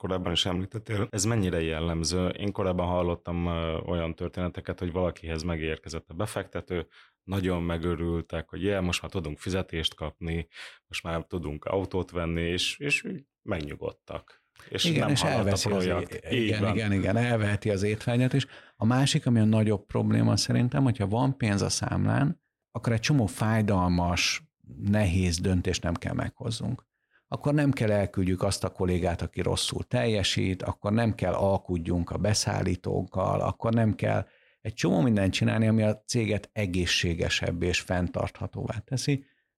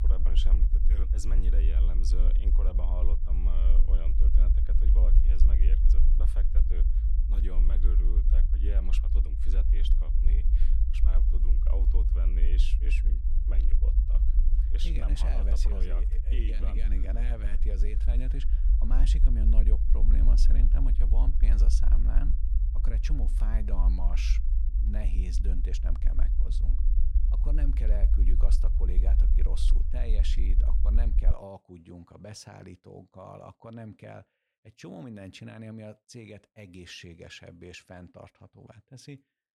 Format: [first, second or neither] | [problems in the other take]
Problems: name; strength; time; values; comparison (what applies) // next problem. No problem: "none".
first | low rumble; loud; until 31 s; 4 dB below the speech